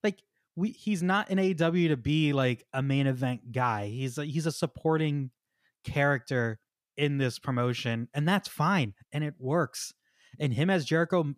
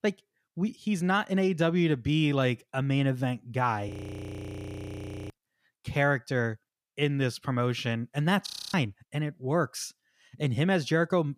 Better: first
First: none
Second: audio freezing; at 4 s for 1.5 s and at 8.5 s

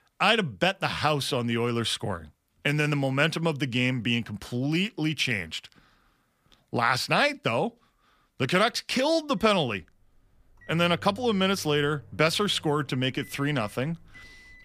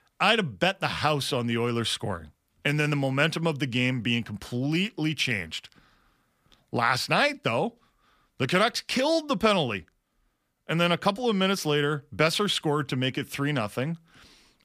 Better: second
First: household noises; faint; from 9.5 s on; 25 dB below the speech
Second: none

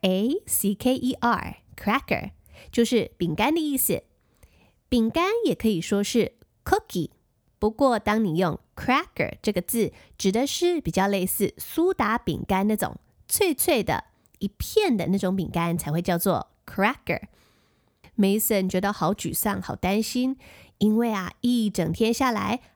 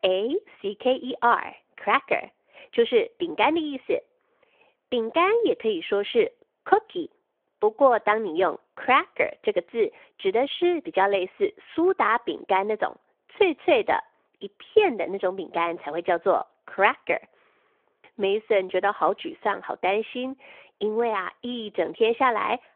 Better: first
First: none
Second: phone-call audio; nothing above 3.5 kHz

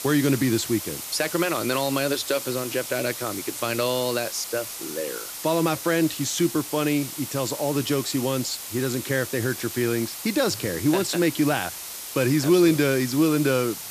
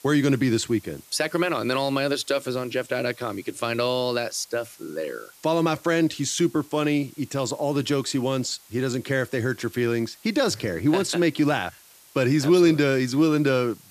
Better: second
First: hiss; loud; throughout; 8 dB below the speech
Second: hiss; faint; throughout; 25 dB below the speech

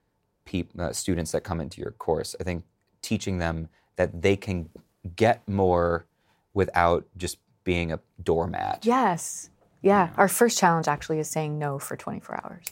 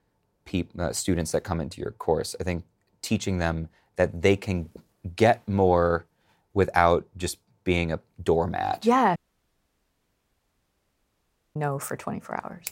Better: first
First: none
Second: audio cutting out; at 9 s for 2.5 s

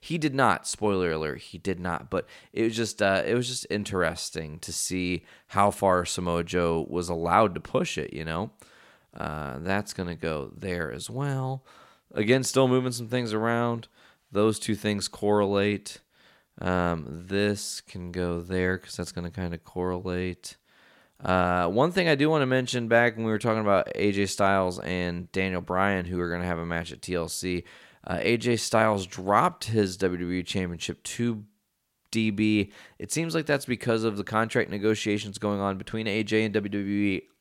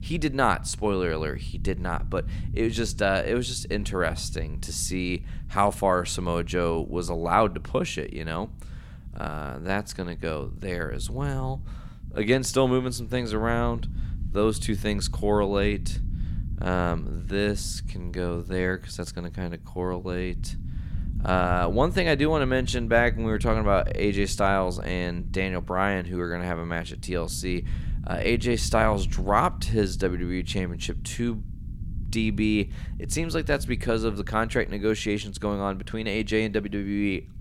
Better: first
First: none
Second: low rumble; faint; throughout; 25 dB below the speech

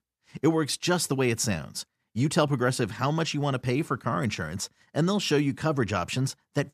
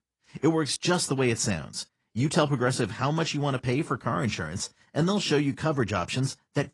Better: first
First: none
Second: garbled, watery; slightly; nothing above 10 kHz

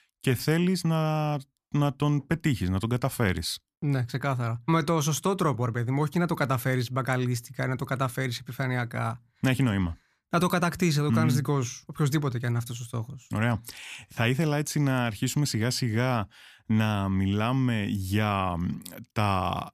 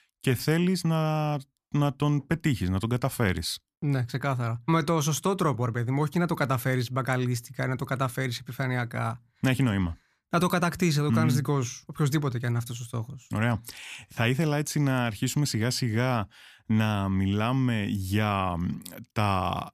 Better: neither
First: none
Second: none

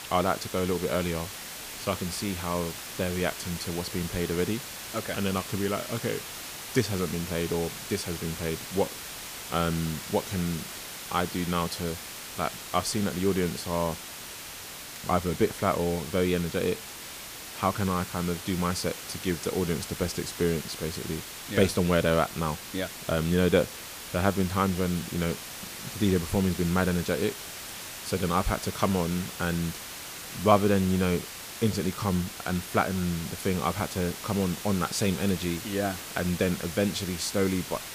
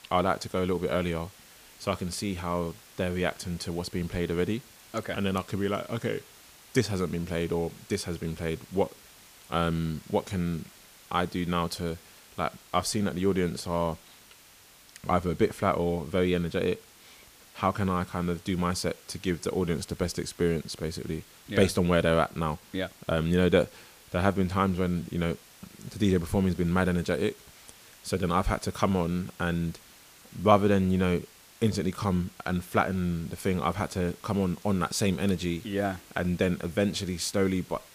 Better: second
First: hiss; loud; throughout; 8 dB below the speech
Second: hiss; faint; throughout; 20 dB below the speech

